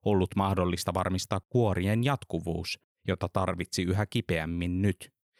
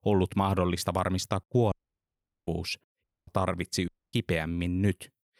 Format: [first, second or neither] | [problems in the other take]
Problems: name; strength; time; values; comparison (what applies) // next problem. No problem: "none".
first | audio cutting out; at 1.5 s for 1 s, at 3 s and at 4 s